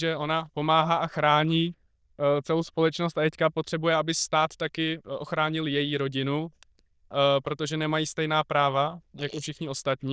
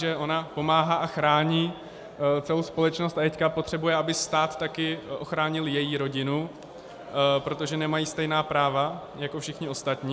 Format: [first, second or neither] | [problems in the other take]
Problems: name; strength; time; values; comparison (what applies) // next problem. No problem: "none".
second | noise reduction (neural diffusion model UNIVERSE++)